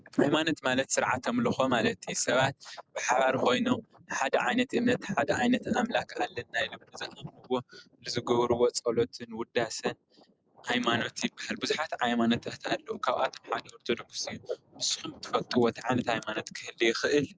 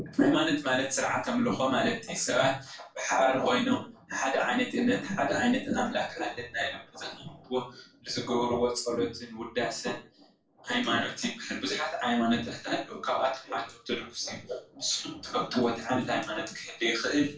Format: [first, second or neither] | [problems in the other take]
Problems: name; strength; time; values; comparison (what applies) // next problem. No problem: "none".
first | room echo; dies away in 0.3 s